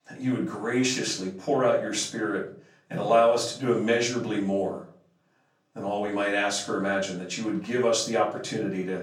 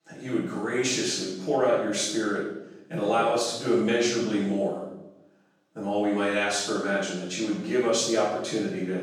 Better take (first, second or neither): first